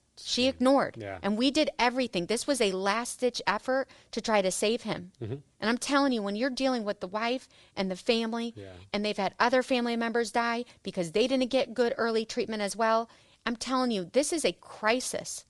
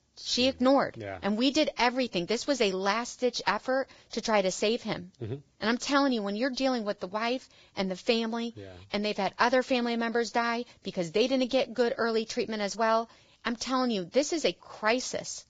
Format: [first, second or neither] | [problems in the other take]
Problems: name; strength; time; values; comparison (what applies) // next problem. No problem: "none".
first | garbled, watery; badly; nothing above 7.5 kHz; slightly in the first